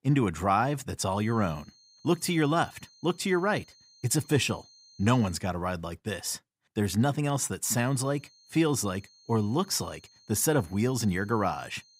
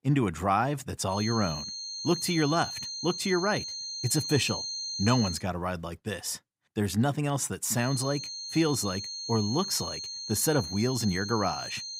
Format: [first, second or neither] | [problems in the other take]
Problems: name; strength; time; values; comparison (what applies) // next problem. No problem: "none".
first | high-pitched whine; loud; from 1 to 5.5 s and from 8 s on; 4 kHz, 5 dB below the speech; faint in the first